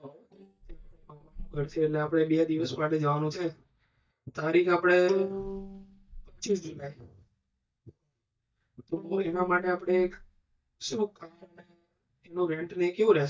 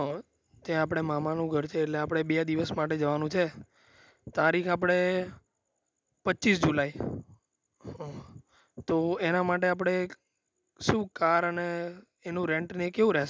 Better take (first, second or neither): second